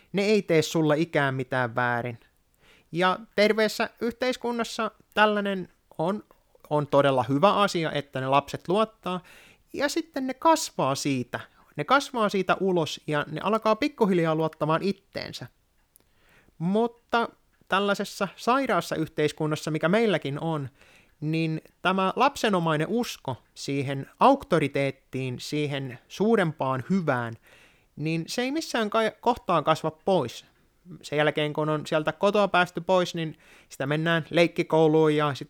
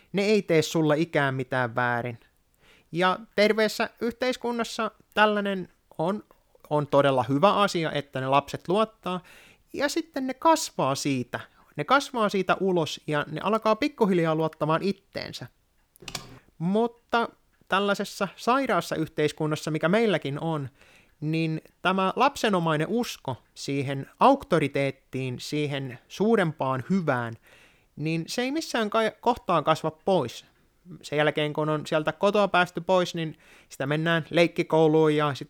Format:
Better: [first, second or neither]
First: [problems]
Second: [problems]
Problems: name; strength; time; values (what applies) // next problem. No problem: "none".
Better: first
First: none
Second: keyboard typing; faint; at 16 s; peak 10 dB below the speech